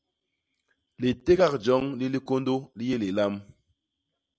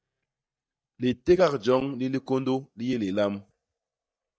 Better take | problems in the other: first | noise reduction (neural mask model DeepFilterNet 3)

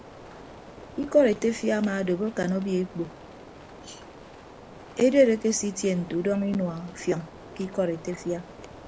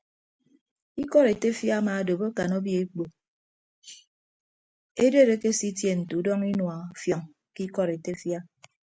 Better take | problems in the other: second | background sound (Rain); 18 dB below the speech

